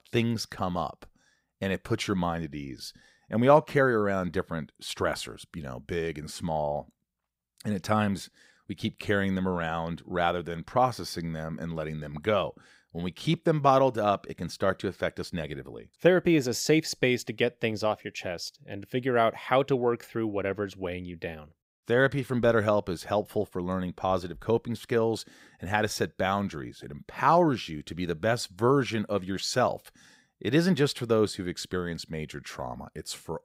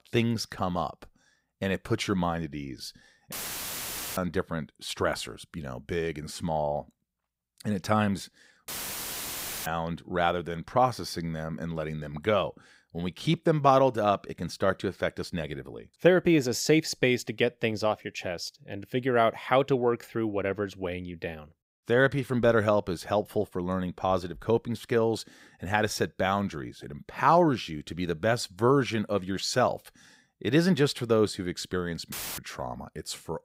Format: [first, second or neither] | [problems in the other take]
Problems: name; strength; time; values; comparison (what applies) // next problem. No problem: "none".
first | audio cutting out; filled with static; at 3.5 s for 1 s, at 8.5 s for 1 s and at 32 s